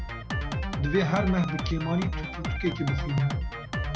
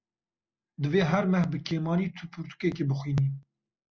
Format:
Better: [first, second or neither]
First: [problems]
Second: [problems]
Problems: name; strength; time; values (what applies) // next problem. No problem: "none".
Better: second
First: background sound (Drum kit); 2 dB below the speech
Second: none